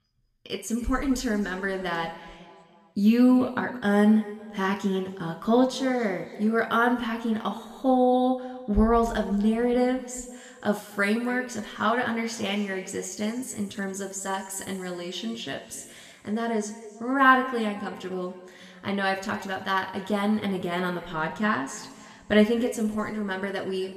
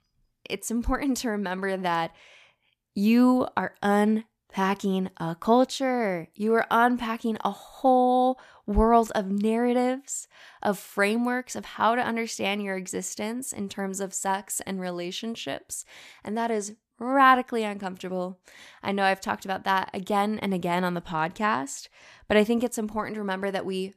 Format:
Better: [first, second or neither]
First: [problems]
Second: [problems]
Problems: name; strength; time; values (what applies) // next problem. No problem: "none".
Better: second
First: room echo; slight; dies away in 1.6 s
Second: none